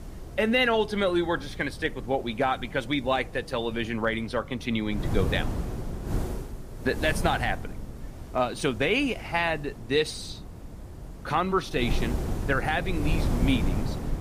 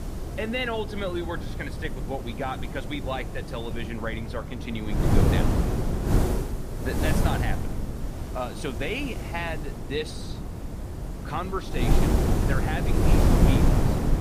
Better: first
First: wind noise on the microphone; occasional gusts; 15 dB below the speech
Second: wind noise on the microphone; heavy; 1 dB below the speech

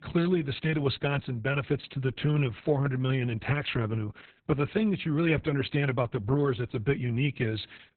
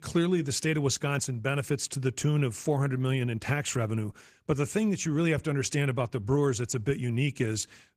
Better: second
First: garbled, watery; badly; nothing above 4 kHz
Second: garbled, watery; slightly; nothing above 15 kHz

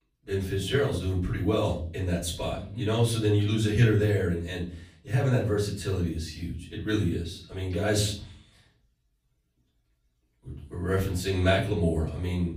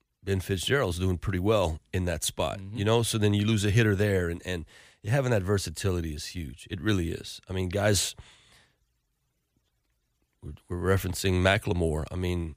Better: second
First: off-mic speech; far // room echo; slight; dies away in 0.5 s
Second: none

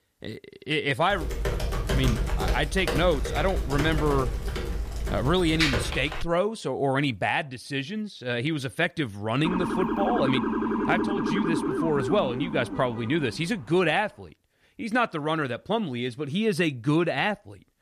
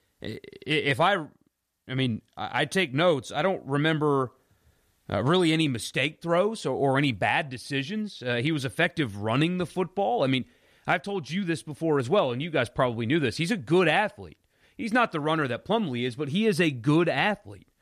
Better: second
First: keyboard typing; loud; from 1 to 6.5 s; peak 2 dB above the speech // siren; loud; from 9.5 to 13 s; peak 1 dB above the speech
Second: none

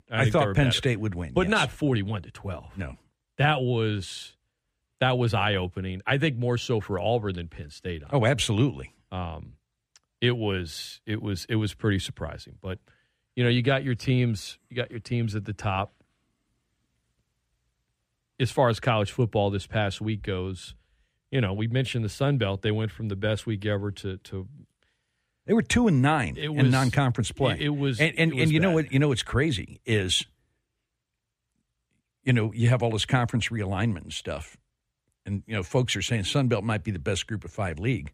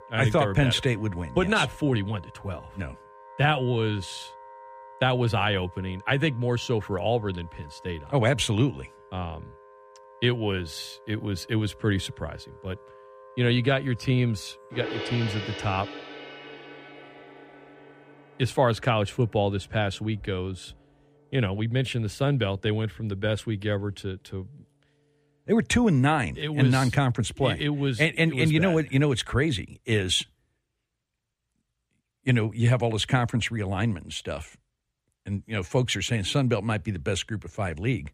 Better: first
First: none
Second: background music; noticeable; throughout; 20 dB below the speech

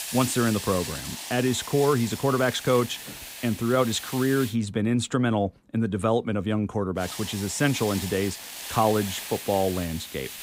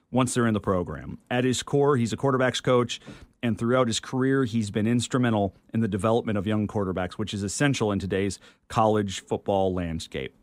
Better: second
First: hiss; loud; until 4.5 s and from 7 s on; 9 dB below the speech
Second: none

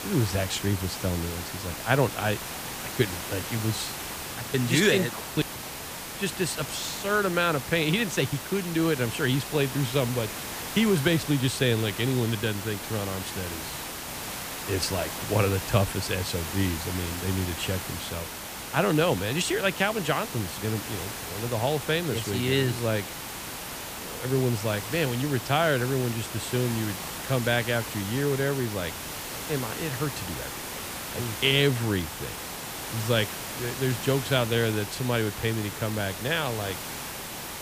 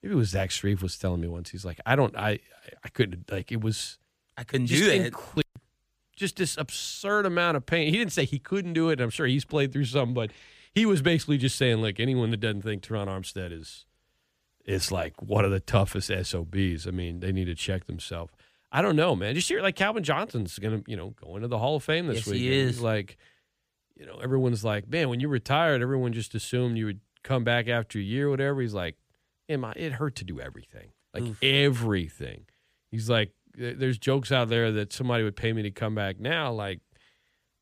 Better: second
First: hiss; loud; throughout; 7 dB below the speech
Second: none

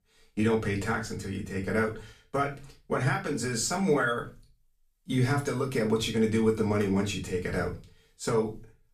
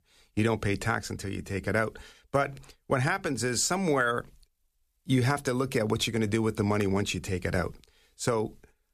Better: second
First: off-mic speech; far // room echo; very slight; dies away in 0.3 s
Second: none

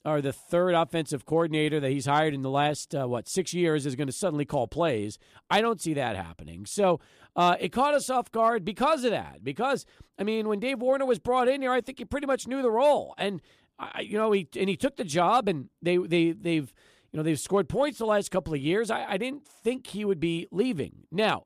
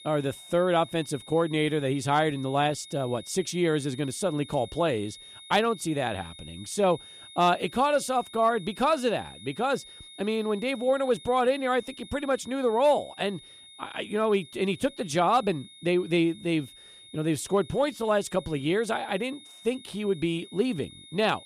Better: first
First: none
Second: high-pitched whine; noticeable; throughout; 3.5 kHz, 20 dB below the speech

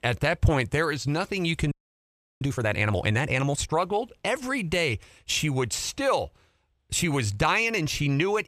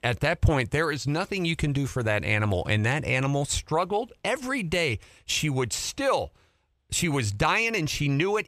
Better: second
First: audio freezing; at 1.5 s for 0.5 s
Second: none

